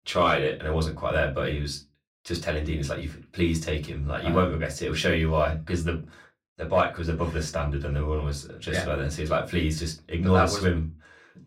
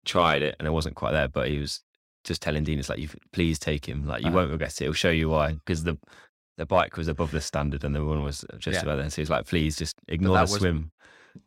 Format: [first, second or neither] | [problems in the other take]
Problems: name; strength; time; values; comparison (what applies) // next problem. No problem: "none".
second | off-mic speech; far // room echo; very slight; dies away in 0.2 s